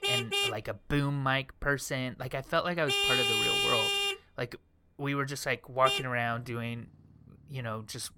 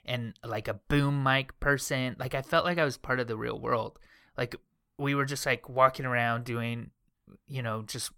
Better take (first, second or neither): second